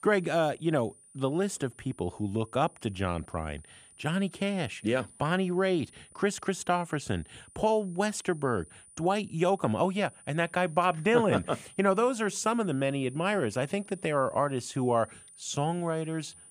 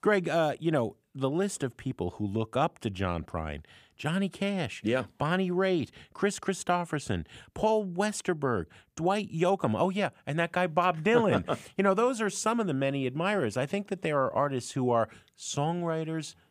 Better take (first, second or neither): second